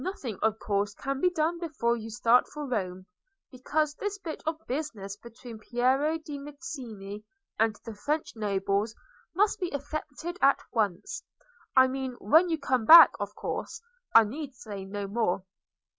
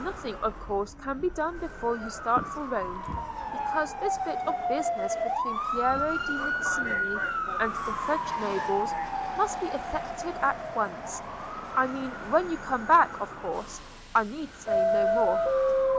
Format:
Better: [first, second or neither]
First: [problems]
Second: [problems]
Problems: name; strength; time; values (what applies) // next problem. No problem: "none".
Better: first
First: none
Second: background sound (Subway, metro, underground + Motor vehicle (road) / Siren); as loud as the speech